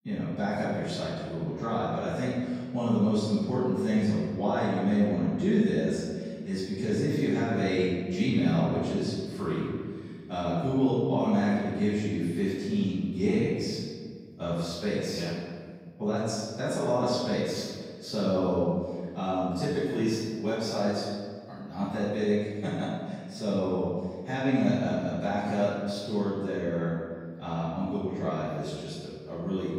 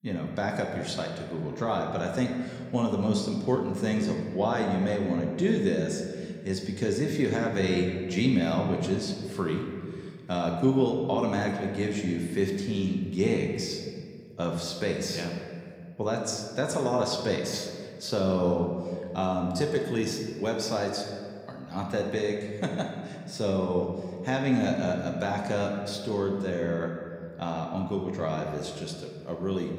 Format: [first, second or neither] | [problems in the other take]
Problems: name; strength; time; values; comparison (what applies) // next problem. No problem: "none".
second | room echo; strong; dies away in 1.7 s; slight in the second // off-mic speech; far